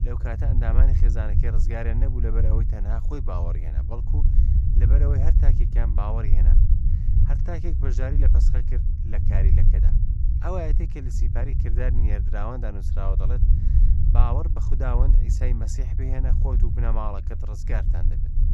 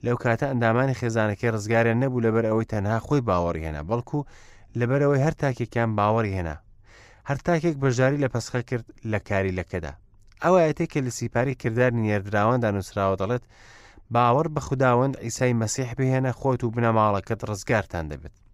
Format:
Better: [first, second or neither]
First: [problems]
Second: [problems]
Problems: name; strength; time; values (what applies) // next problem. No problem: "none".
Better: second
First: low rumble; loud; throughout; 4 dB below the speech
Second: none